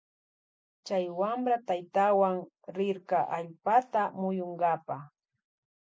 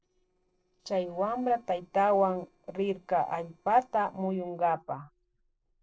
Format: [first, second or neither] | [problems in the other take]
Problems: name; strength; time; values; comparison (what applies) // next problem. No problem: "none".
first | noise reduction (neural separator model SepFormer DNS4)